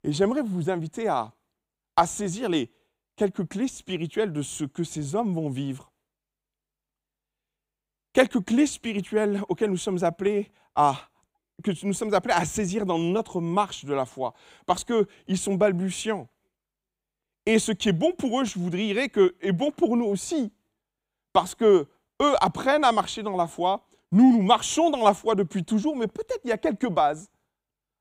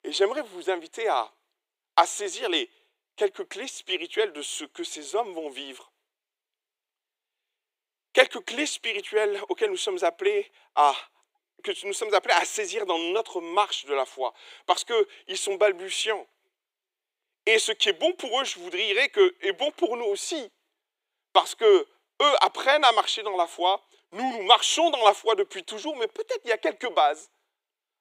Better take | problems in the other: first | thin; very; fading below 350 Hz

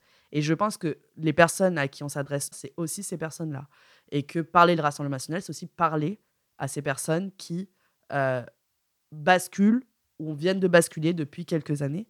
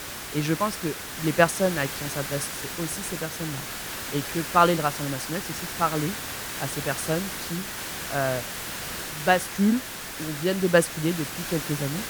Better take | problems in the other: first | hiss; loud; throughout; 5 dB below the speech

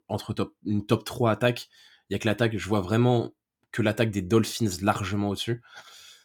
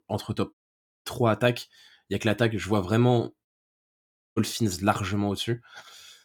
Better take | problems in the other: first | audio cutting out; at 0.5 s for 0.5 s and at 3.5 s for 1 s

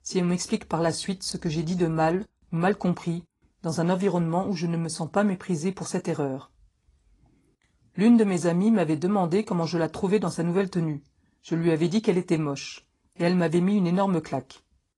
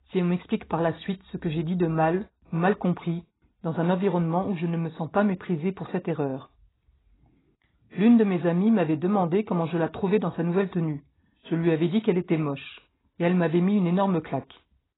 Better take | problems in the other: first | garbled, watery; badly; nothing above 4 kHz; slightly in the first

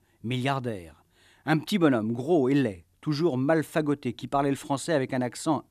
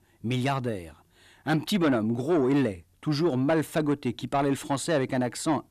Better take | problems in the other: first | distortion; slight; 10 dB below the speech

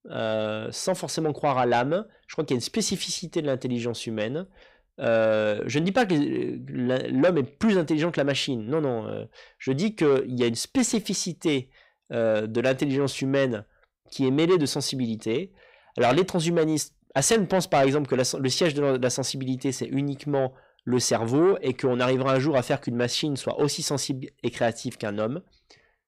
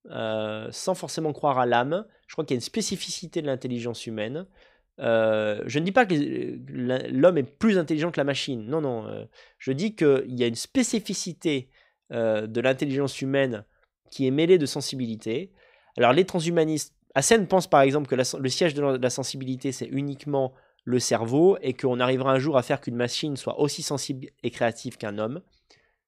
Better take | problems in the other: second | distortion; slight; 10 dB below the speech

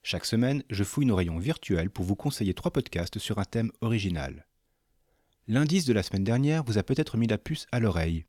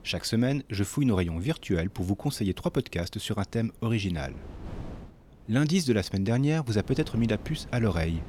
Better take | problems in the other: first | wind noise on the microphone; occasional gusts; 20 dB below the speech

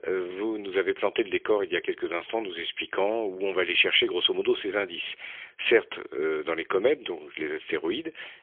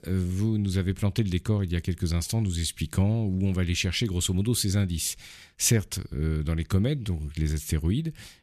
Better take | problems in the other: second | phone-call audio; poor line; nothing above 3.5 kHz

